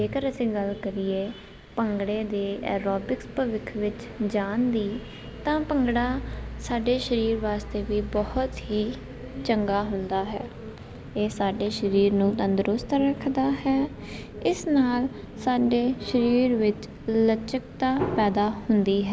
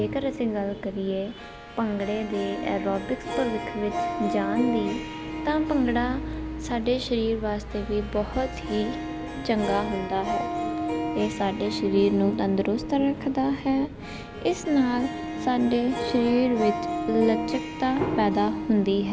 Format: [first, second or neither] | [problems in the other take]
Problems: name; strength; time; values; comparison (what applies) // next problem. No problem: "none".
first | background sound (Harp); 7 dB below the speech